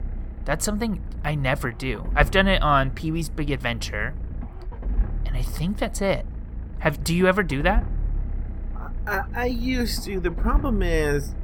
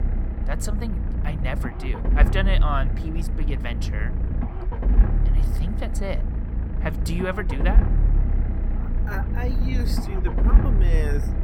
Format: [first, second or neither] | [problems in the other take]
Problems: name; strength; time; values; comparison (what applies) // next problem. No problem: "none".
first | low rumble; loud; throughout; 6 dB below the speech; faint in the first